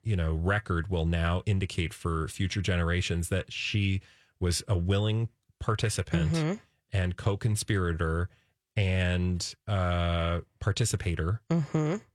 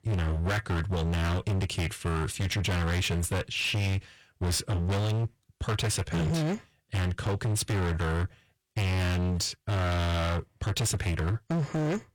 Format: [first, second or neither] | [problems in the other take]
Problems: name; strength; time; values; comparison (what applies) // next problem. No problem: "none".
first | distortion; heavy; 33% of the sound clipped